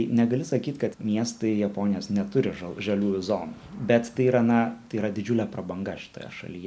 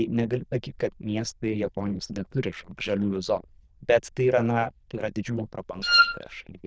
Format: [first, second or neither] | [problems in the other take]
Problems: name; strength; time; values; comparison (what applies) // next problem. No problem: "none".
first | noise reduction (neural diffusion model UNIVERSE++)